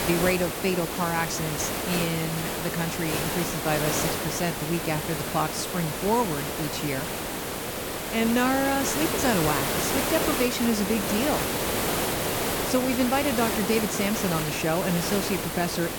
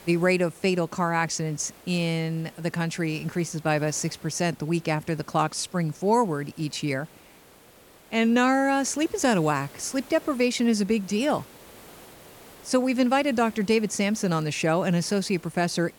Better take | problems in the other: second | hiss; loud; throughout; as loud as the speech; faint in the second

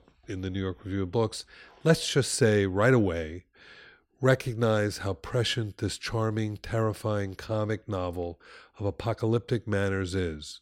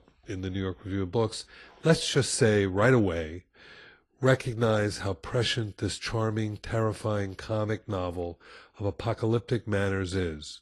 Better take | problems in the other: first | garbled, watery; slightly

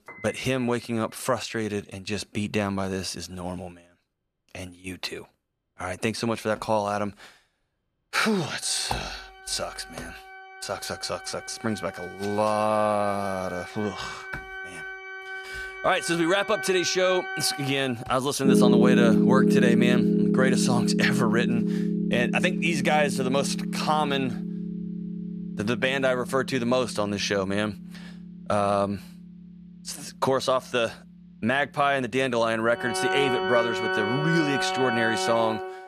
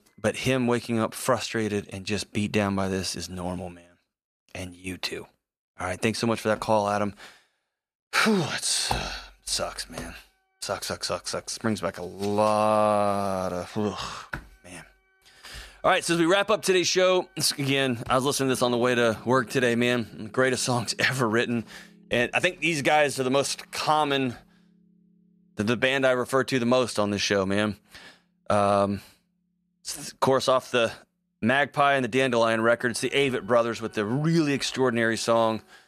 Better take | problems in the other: second | background music; loud; throughout; 1 dB below the speech; faint in the second

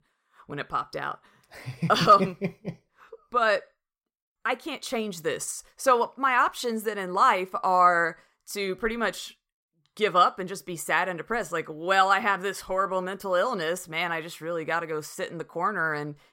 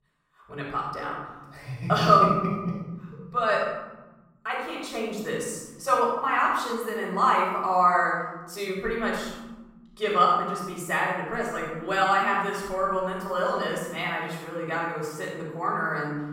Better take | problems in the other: first | room echo; noticeable; dies away in 1.8 s // off-mic speech; far

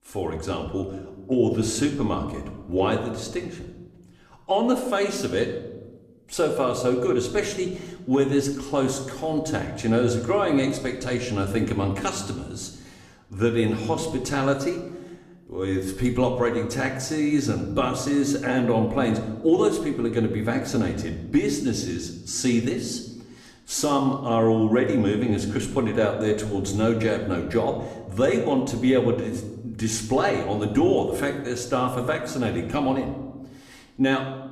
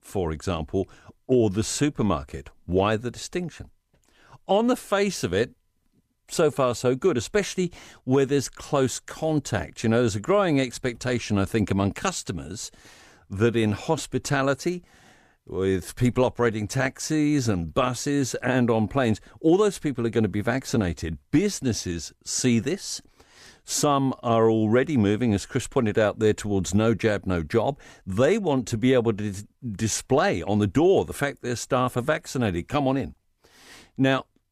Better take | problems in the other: second | room echo; slight; dies away in 0.8 s

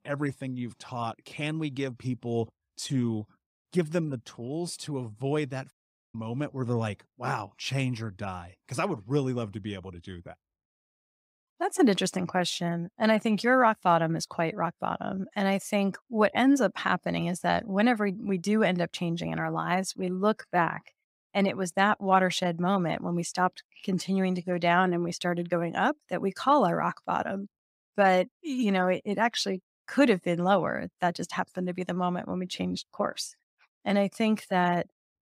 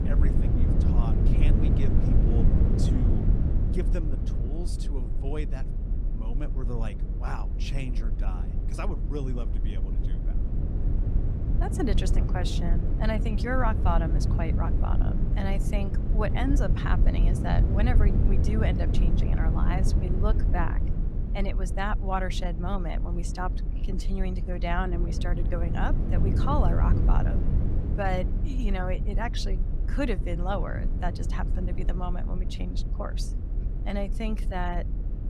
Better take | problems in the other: first | low rumble; loud; throughout; 6 dB below the speech

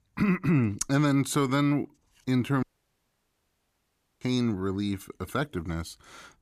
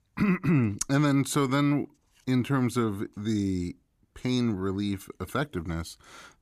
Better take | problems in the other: second | audio cutting out; at 2.5 s for 1.5 s

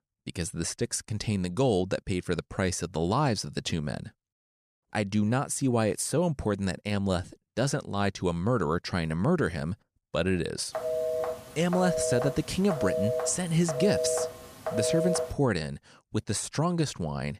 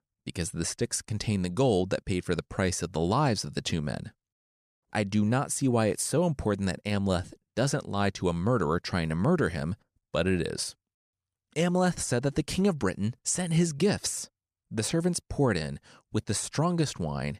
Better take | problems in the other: second | phone ringing; loud; from 11 to 15 s; peak 1 dB above the speech

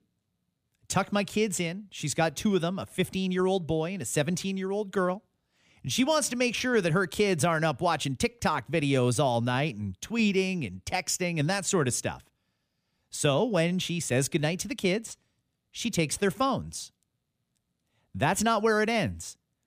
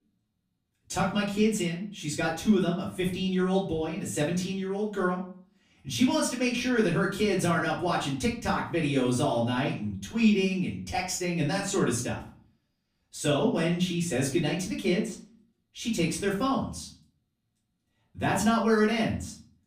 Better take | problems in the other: first | off-mic speech; far // room echo; slight; dies away in 0.4 s

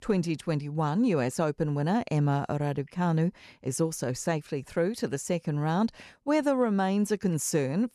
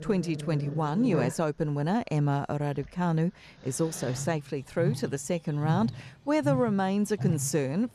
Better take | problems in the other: first | animal sounds; loud; throughout; 6 dB below the speech

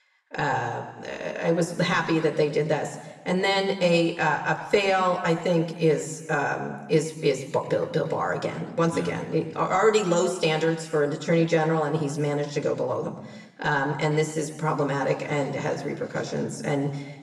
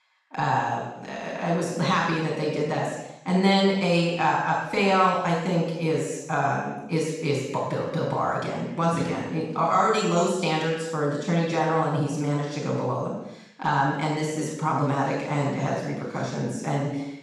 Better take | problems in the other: first | room echo; strong; dies away in 0.9 s; slight in the first // off-mic speech; far; somewhat distant in the first

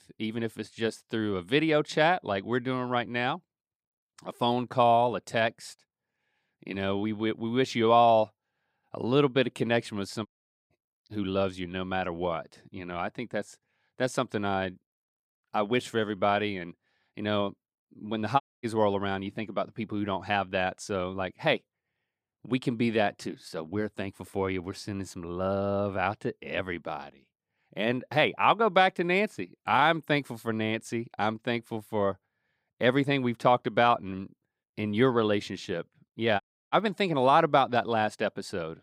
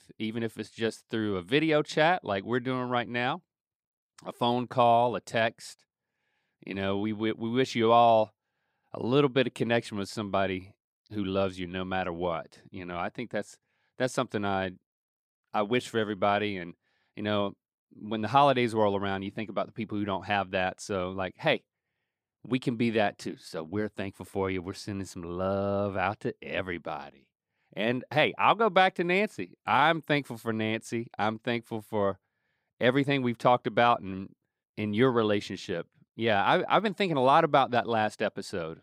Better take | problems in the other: second | audio cutting out; at 10 s, at 18 s and at 36 s

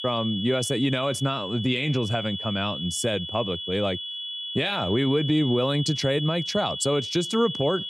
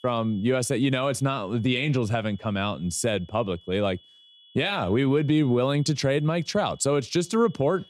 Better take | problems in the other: second | high-pitched whine; loud; throughout; 3.5 kHz, 6 dB below the speech; faint in the second

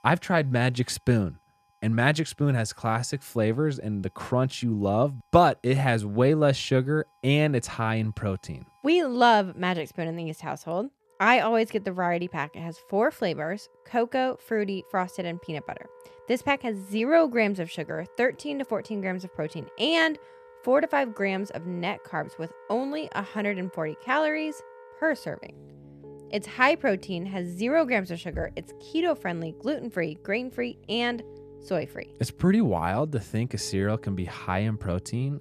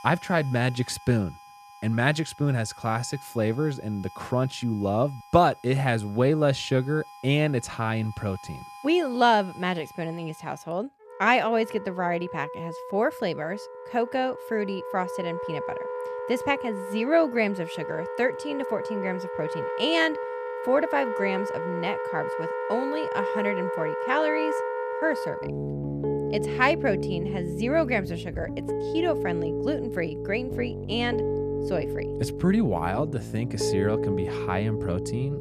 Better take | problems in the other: first | background music; loud; throughout; 5 dB below the speech; faint in the first

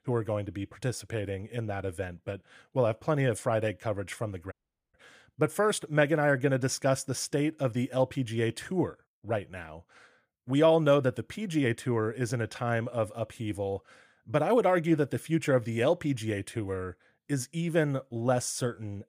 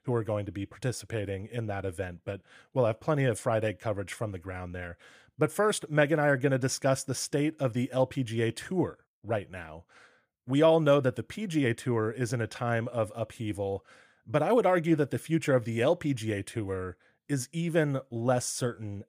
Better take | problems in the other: second | audio cutting out; at 4.5 s

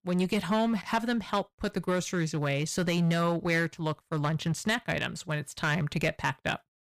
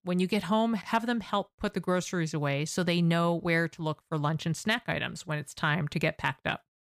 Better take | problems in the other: second | distortion; slight; 6% of the sound clipped

